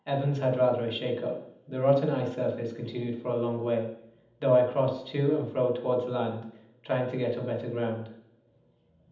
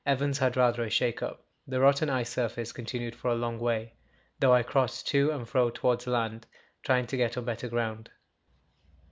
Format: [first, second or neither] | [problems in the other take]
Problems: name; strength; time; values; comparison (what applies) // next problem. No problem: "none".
second | room echo; dies away in 0.8 s